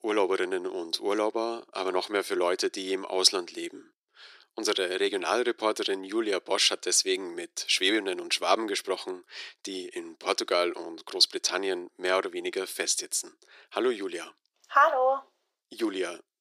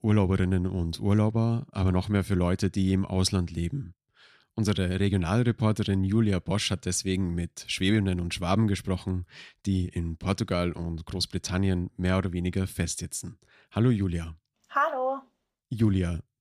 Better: second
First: thin; very; fading below 350 Hz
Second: none

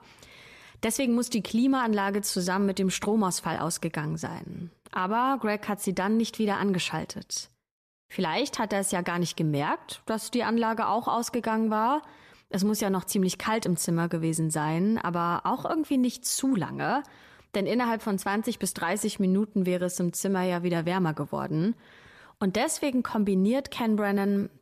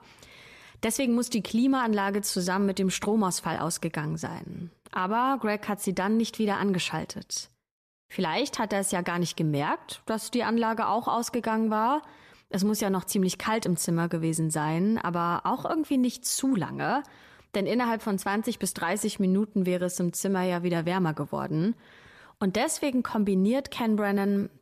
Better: neither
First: none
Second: none

